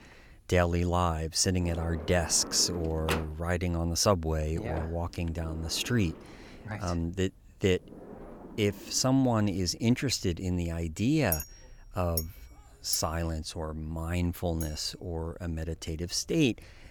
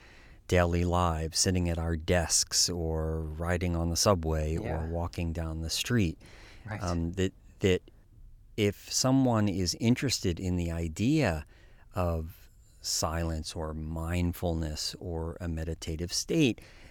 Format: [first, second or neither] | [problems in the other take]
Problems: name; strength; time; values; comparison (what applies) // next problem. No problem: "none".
second | household noises; noticeable; throughout; 10 dB below the speech